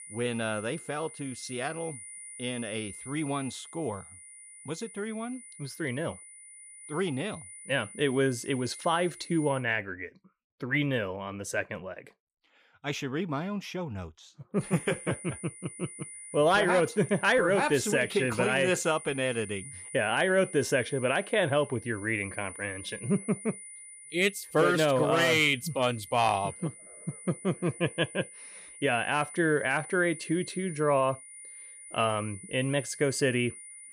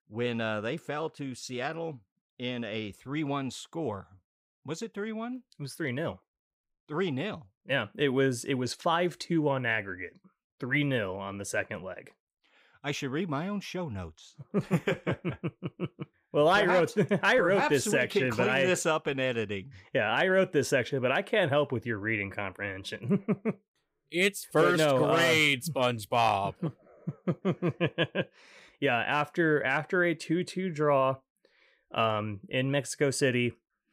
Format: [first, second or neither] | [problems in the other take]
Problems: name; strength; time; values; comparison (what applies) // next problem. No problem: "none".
second | high-pitched whine; noticeable; until 9.5 s and from 15 s on; 9.5 kHz, 15 dB below the speech